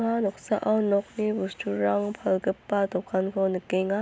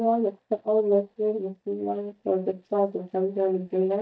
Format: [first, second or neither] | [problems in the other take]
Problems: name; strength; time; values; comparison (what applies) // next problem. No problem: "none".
first | noise reduction (neural mask model DeepFilterNet 3)